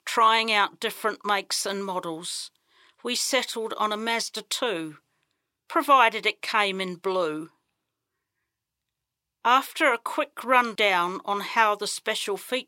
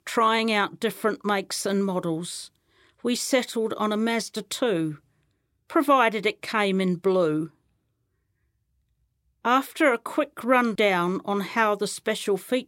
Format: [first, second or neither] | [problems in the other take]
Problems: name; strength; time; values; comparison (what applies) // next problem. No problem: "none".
second | thin; somewhat; fading below 700 Hz